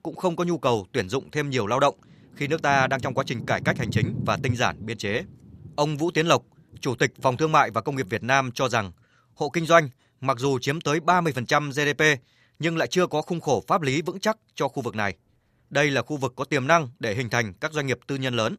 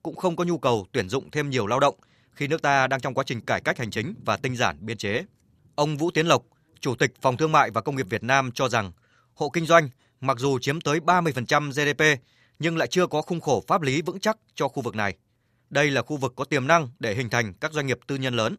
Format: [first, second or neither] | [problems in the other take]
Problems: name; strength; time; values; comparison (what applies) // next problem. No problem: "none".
second | rain or running water; loud; throughout; 9 dB below the speech; faint in the second